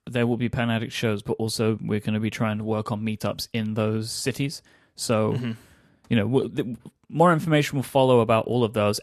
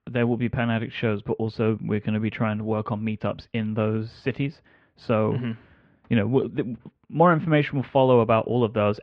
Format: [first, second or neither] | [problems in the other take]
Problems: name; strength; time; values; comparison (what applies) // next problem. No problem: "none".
first | muffled; very; fading above 3 kHz